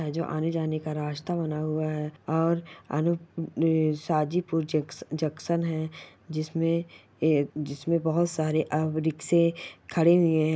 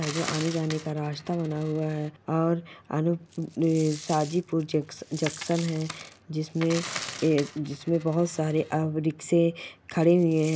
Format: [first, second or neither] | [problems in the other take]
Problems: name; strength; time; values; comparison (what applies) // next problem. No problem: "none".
first | background sound (Coin (dropping)); 15 dB below the speech